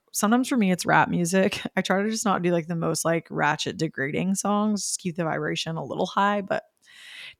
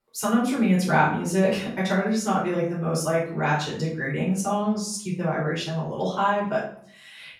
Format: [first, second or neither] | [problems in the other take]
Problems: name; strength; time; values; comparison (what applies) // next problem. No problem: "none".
first | off-mic speech; far // room echo; noticeable; dies away in 0.5 s